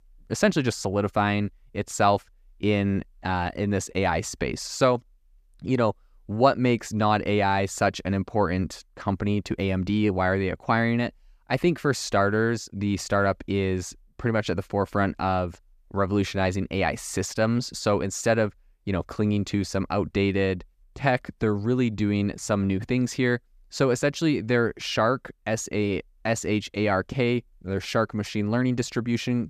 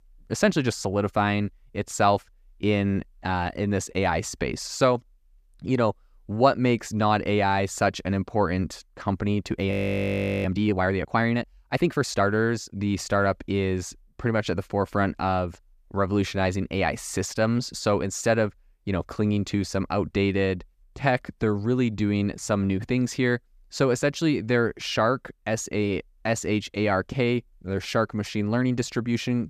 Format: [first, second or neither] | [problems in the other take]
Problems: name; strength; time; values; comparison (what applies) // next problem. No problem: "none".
first | audio freezing; at 9.5 s for 0.5 s